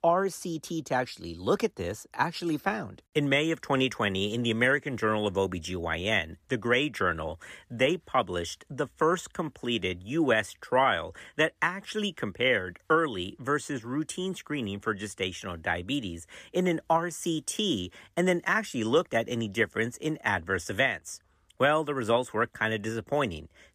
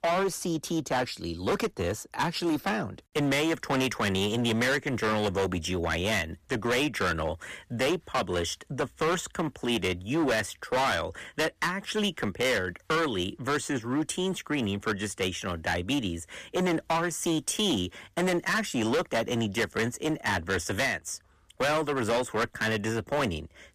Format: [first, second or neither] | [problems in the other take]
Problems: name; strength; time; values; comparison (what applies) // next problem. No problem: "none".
first | distortion; heavy; 16% of the sound clipped